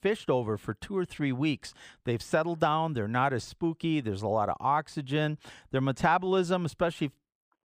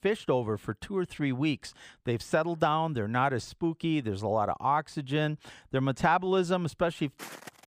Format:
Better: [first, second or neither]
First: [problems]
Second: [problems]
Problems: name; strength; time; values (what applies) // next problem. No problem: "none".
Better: first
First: none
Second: footsteps; faint; at 7 s; peak 15 dB below the speech